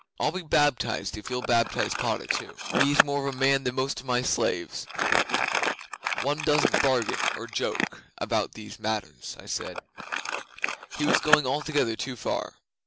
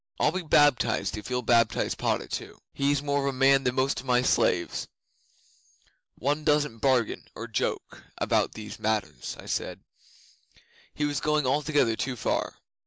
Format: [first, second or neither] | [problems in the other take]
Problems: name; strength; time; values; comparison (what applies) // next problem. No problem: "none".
second | background sound (Crumpling, crinkling); 2 dB below the speech